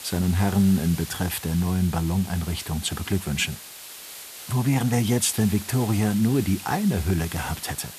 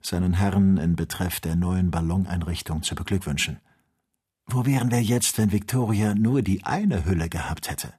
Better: second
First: hiss; noticeable; throughout; 15 dB below the speech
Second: none

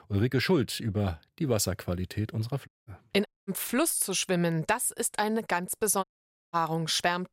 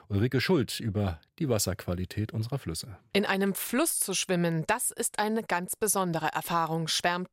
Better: second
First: audio cutting out; at 2.5 s, at 3.5 s and at 6 s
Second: none

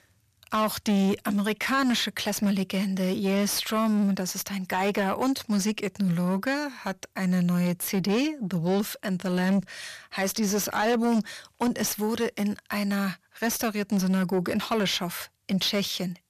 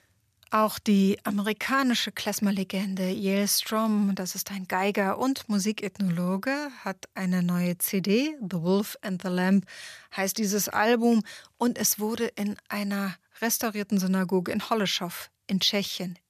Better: second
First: distortion; slight; 10 dB below the speech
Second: none

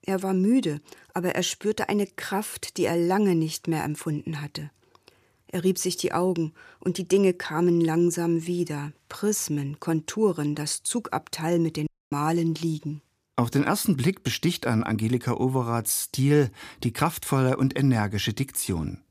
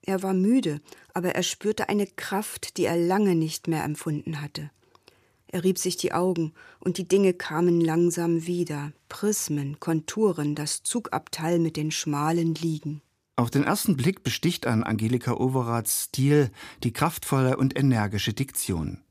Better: second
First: audio cutting out; at 12 s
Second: none

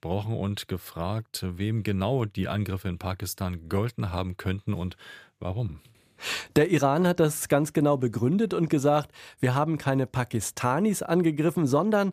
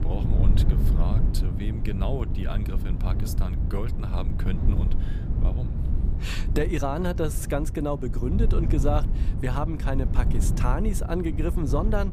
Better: first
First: none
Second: low rumble; loud; throughout; 8 dB below the speech

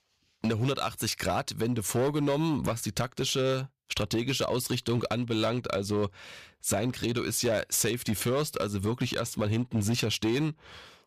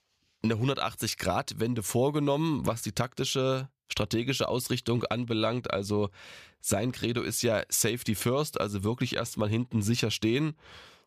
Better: second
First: distortion; slight; 7% of the sound clipped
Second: none

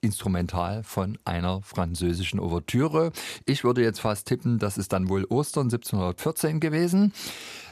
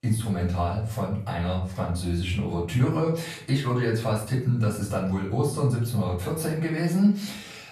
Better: first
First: none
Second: off-mic speech; far // room echo; noticeable; dies away in 0.5 s

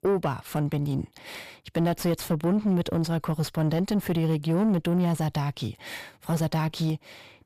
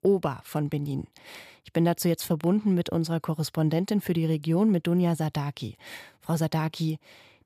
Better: second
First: distortion; slight; 9 dB below the speech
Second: none

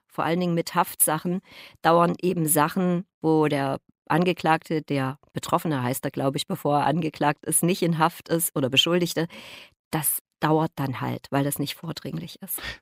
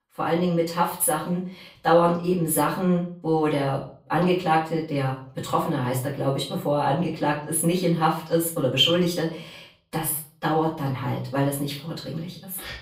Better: first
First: none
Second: room echo; slight; dies away in 0.4 s // off-mic speech; far

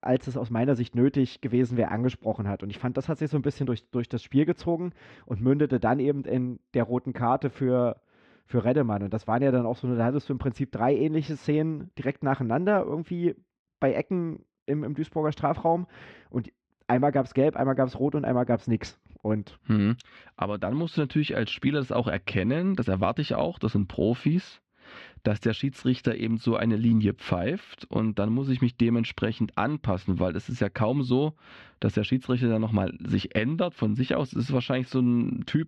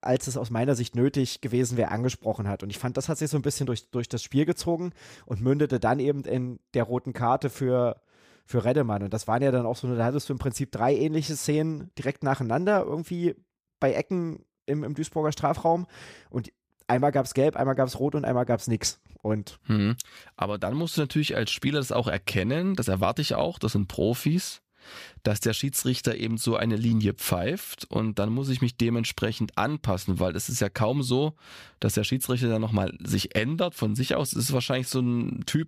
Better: second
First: muffled; slightly; fading above 3 kHz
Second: none

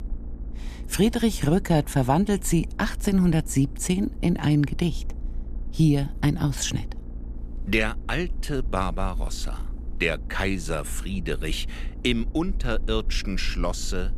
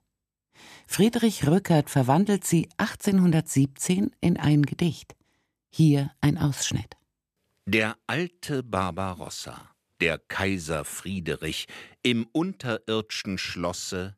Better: second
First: low rumble; faint; throughout; 20 dB below the speech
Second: none

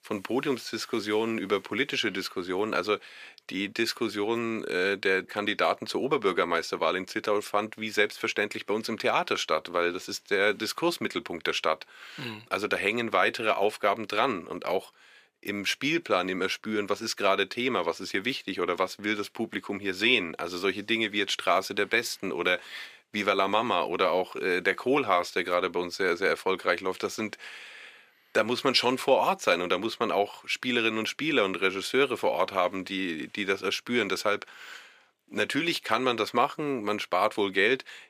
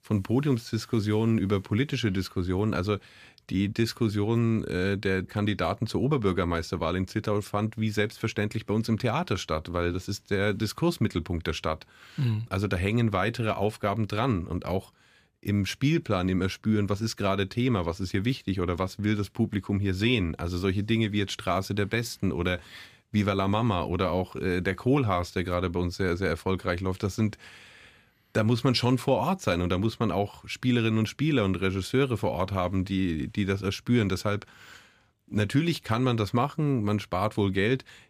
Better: second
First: thin; somewhat; fading below 450 Hz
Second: none

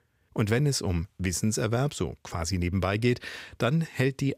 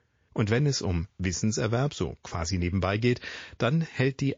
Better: first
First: none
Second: garbled, watery; slightly

